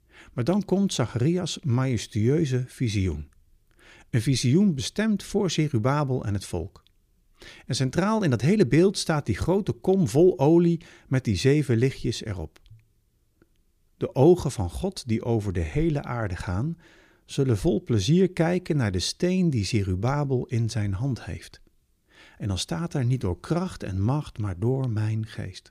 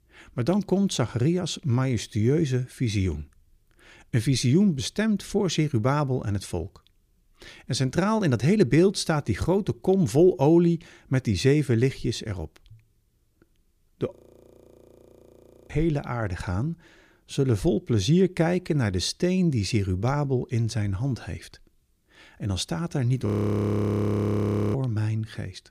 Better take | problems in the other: first | audio freezing; at 14 s for 1.5 s and at 23 s for 1.5 s

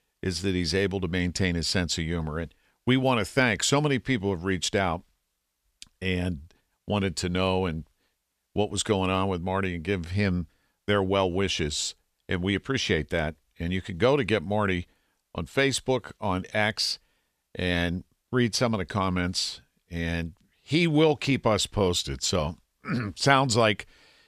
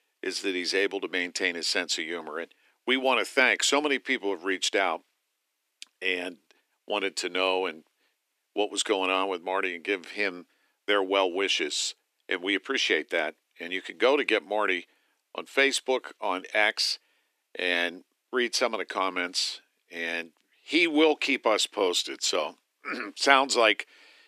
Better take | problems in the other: first | thin; somewhat; fading below 300 Hz

